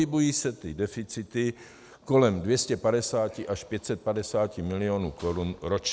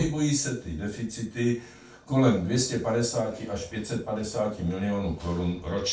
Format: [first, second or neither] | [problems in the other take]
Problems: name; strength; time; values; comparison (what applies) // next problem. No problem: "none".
first | room echo; dies away in 0.3 s